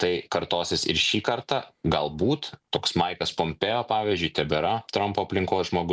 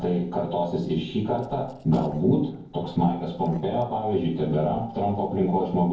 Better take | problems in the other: first | noise reduction (neural separator model SepFormer DNS4)

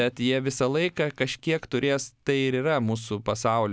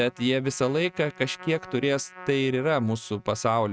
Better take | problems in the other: first | noise reduction (neural mask model RNNoise)

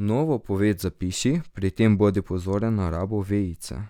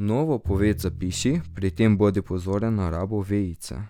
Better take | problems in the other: first | background sound (Bowed string instrument); 12 dB below the speech

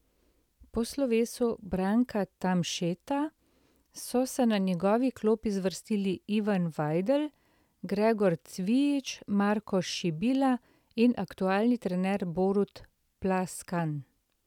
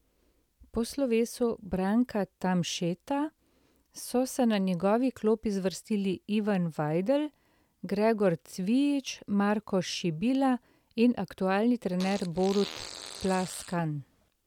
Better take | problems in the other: first | background sound (Fart); 15 dB below the speech

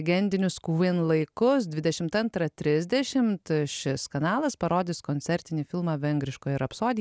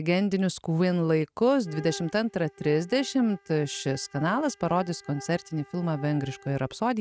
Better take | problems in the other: first | noise reduction (neural mask model RNNoise)

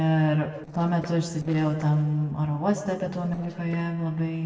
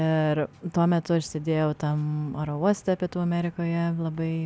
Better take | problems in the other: second | noise reduction (neural separator model SepFormer DNS4)

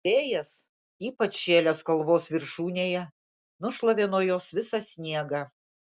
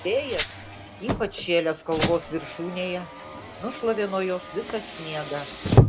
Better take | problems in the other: first | background sound (Car + Glass); 1 dB above the speech

